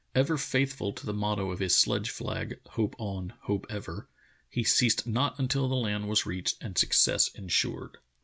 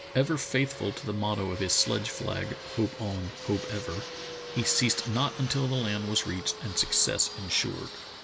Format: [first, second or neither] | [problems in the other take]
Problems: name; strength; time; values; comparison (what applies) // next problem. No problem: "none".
first | background sound (Fixed-wing aircraft, airplane); 11 dB below the speech